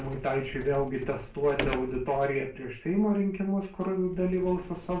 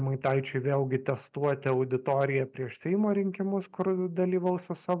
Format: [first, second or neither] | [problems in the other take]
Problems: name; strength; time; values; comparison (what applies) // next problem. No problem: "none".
second | background sound (Sliding door); 11 dB below the speech // room echo; dies away in 0.3 s